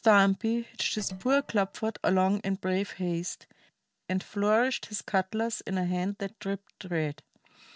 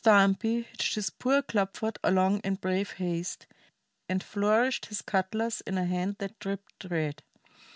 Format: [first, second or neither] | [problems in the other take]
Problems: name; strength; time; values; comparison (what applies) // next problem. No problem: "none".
second | noise reduction (neural separator model SepFormer DNS4)